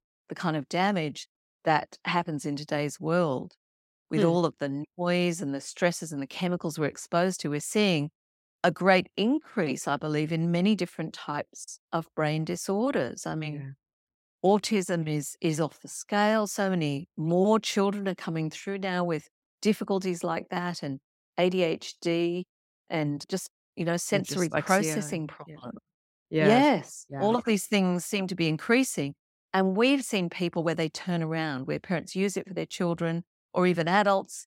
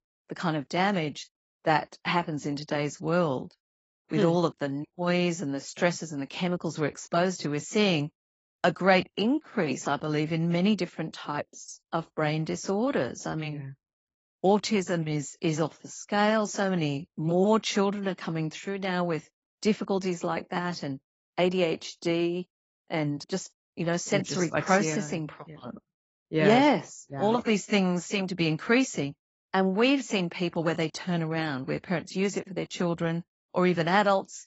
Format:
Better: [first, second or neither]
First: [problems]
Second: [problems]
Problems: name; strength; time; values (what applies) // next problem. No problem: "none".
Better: first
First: none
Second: garbled, watery; badly; nothing above 7.5 kHz